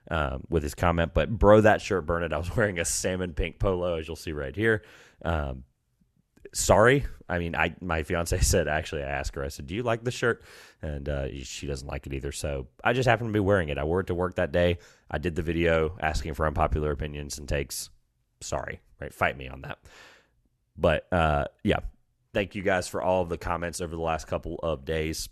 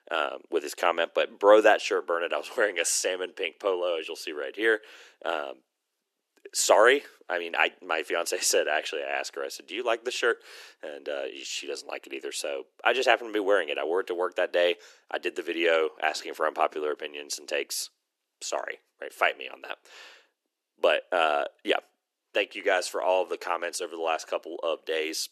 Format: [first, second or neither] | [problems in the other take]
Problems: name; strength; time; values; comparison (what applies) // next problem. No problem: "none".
first | thin; very; fading below 350 Hz